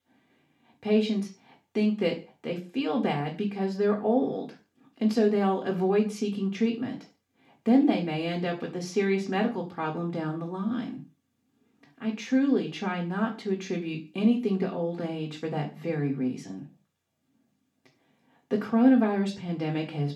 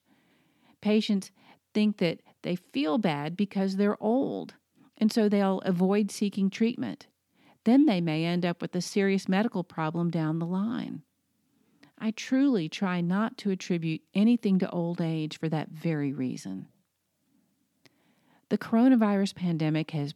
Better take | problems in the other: second | room echo; slight; dies away in 0.3 s // off-mic speech; far

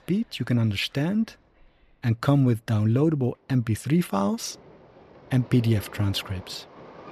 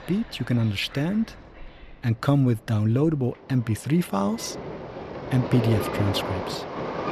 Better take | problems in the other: first | train or aircraft noise; loud; throughout; 7 dB below the speech; faint in the first

